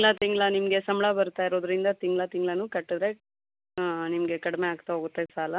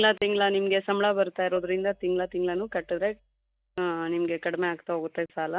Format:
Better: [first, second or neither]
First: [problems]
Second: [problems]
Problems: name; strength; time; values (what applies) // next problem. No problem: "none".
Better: first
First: none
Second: noise reduction (neural mask model DeepFilterNet 3)